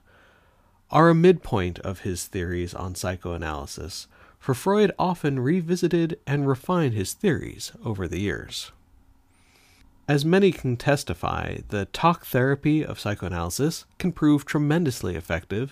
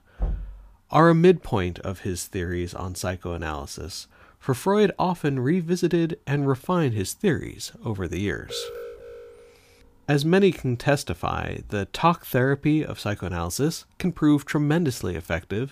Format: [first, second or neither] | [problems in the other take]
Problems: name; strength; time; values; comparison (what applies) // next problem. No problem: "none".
first | door banging; noticeable; at the start; peak 8 dB below the speech // alarm; faint; from 8.5 to 9.5 s; peak 10 dB below the speech